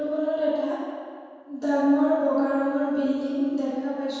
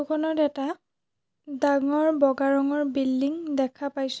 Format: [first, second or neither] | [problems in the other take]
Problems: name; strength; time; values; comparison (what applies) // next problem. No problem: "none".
second | room echo; dies away in 1.9 s